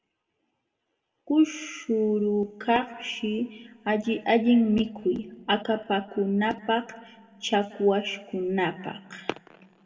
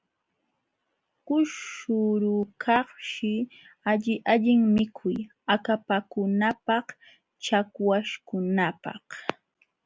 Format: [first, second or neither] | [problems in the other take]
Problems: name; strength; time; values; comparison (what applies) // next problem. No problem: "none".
second | room echo; dies away in 1.4 s